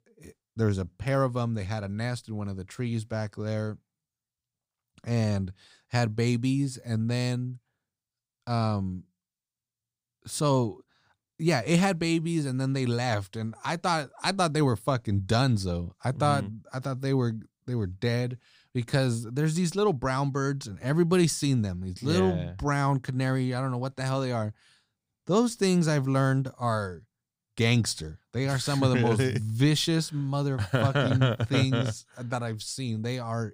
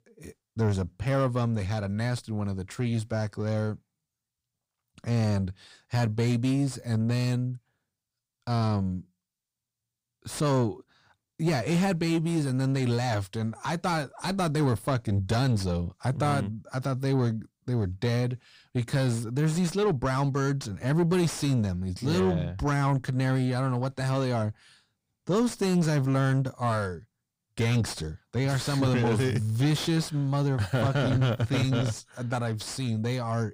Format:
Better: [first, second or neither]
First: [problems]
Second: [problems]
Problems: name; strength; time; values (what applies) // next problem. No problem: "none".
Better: first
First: none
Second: distortion; slight; 9 dB below the speech